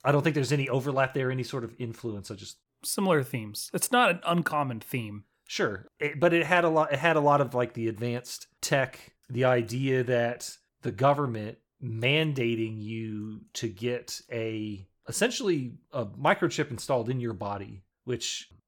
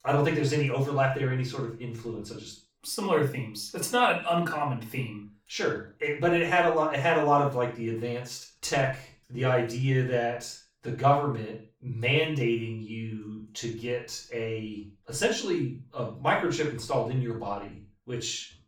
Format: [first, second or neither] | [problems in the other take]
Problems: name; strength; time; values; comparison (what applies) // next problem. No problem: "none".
first | room echo; slight; dies away in 0.3 s // off-mic speech; far